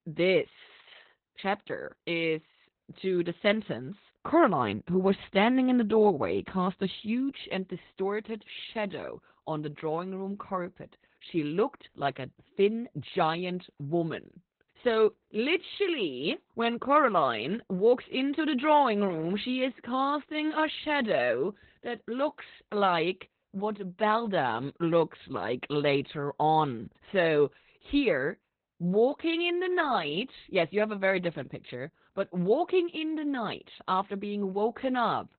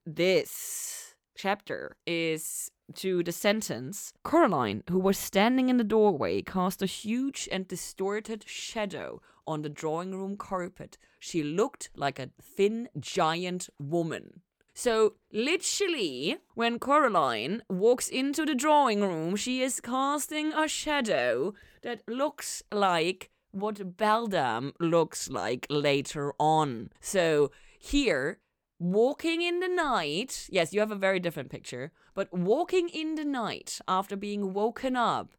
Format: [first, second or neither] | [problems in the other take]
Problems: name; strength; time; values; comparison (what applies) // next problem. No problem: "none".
second | garbled, watery; badly; nothing above 4 kHz